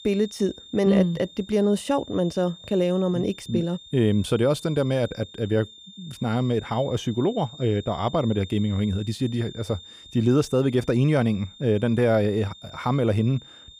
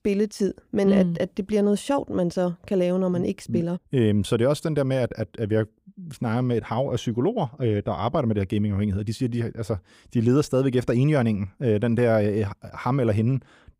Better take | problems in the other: second | high-pitched whine; noticeable; throughout; 3.5 kHz, 20 dB below the speech

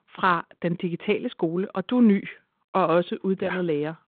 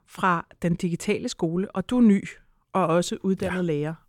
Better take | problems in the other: second | phone-call audio; nothing above 4 kHz

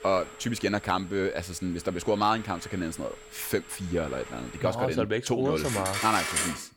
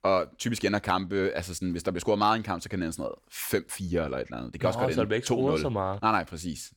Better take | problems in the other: second | alarms or sirens; loud; throughout; 5 dB below the speech

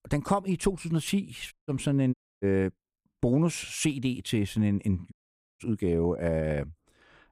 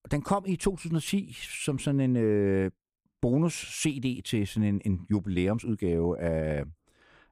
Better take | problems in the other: second | audio cutting out; at 1.5 s, at 2 s and at 5 s

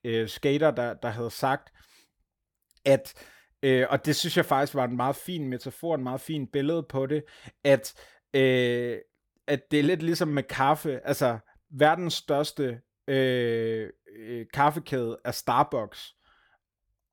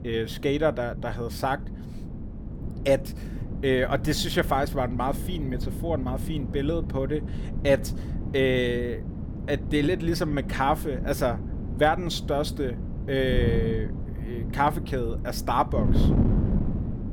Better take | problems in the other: first | wind noise on the microphone; occasional gusts; 15 dB below the speech

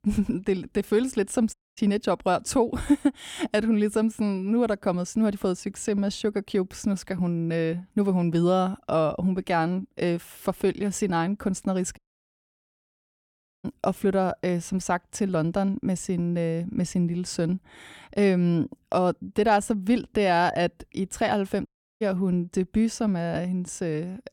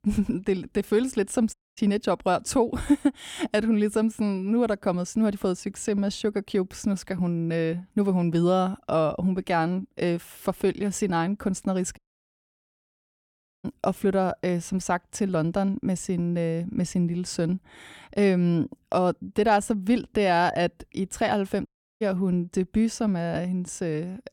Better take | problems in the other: neither | audio cutting out; at 1.5 s, at 12 s for 1.5 s and at 22 s; the same in both

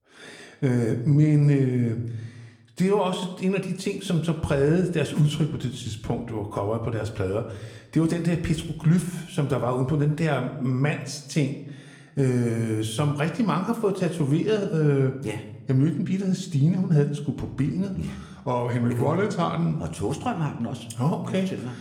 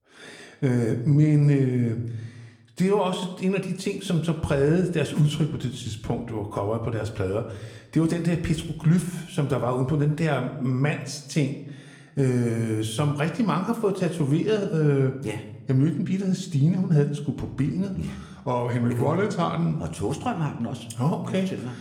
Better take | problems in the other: neither | room echo; very slight; dies away in 0.7 s; the same in both

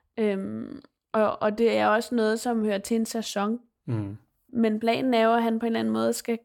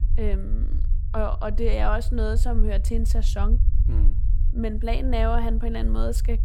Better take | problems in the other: first | low rumble; noticeable; throughout; 15 dB below the speech

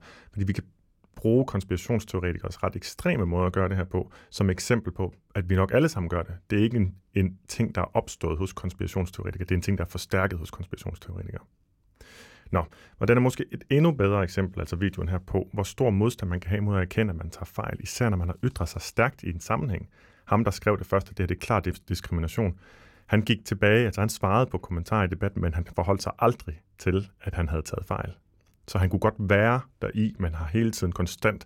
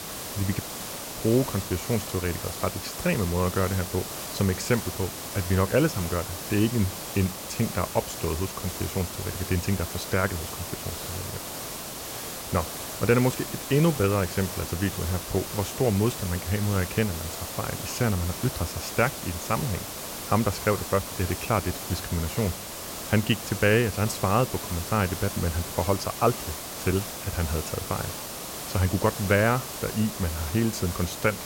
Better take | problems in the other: first | hiss; loud; throughout; 6 dB below the speech

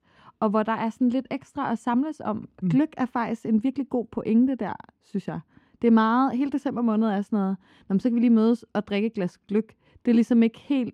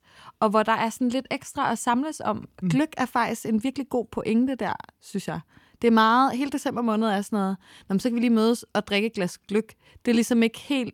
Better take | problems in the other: second | muffled; slightly; fading above 2 kHz

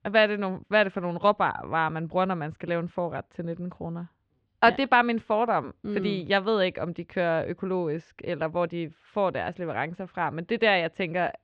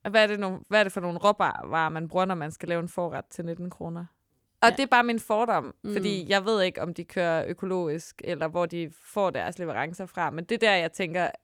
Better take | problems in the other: second | muffled; very slightly; fading above 3.5 kHz

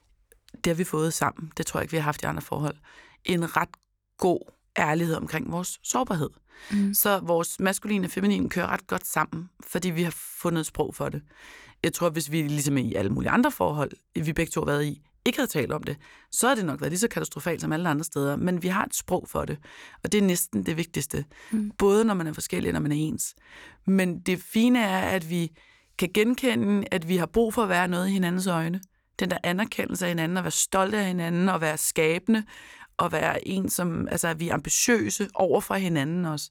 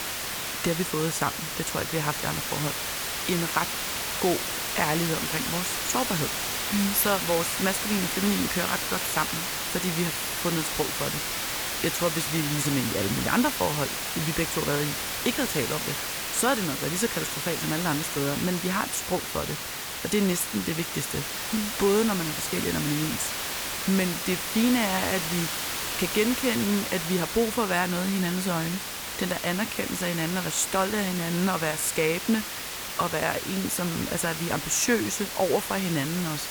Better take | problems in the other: first | hiss; loud; throughout; 1 dB below the speech

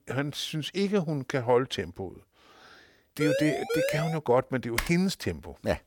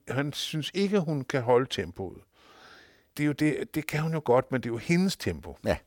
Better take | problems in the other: second | siren; noticeable; at 3 s; peak level with the speech // keyboard typing; noticeable; at 5 s; peak 4 dB below the speech

